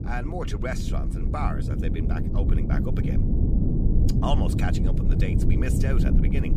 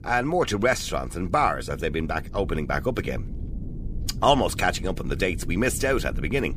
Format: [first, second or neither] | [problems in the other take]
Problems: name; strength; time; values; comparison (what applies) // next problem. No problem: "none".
second | low rumble; loud; throughout; 1 dB below the speech; faint in the second